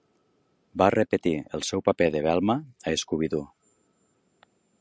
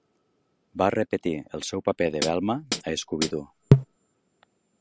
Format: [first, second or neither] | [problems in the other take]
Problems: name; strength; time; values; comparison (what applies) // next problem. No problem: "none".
first | background sound (Hi-hat); 4 dB above the speech